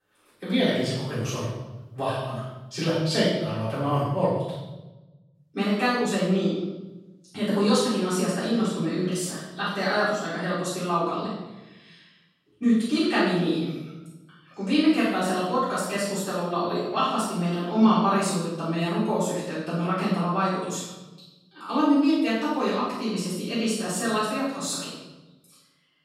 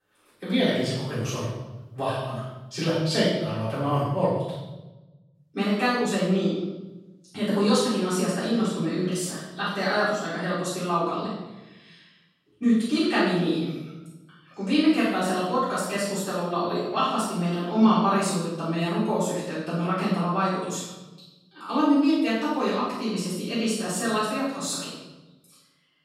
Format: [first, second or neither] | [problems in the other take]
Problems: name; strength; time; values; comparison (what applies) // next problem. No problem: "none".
neither | room echo; strong; dies away in 1 s; the same in both // off-mic speech; far; the same in both